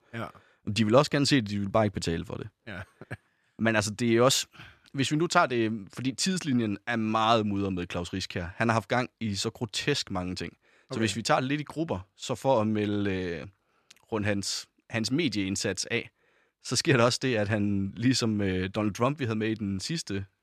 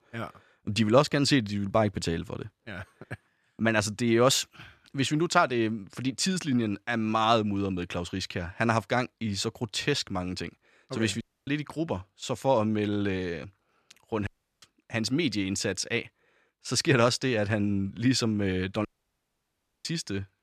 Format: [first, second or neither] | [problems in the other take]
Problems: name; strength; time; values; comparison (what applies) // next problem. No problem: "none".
first | audio cutting out; at 11 s, at 14 s and at 19 s for 1 s